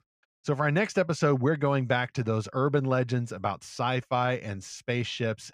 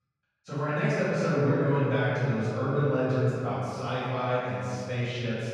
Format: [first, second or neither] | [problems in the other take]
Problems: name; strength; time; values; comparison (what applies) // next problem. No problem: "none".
first | off-mic speech; far // room echo; strong; dies away in 2.3 s